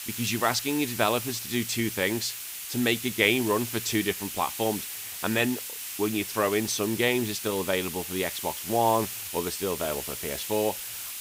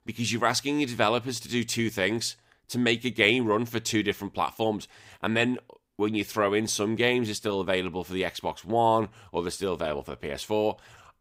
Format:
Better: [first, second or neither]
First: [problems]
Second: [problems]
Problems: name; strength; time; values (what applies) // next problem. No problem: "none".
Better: second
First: hiss; loud; throughout; 6 dB below the speech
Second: none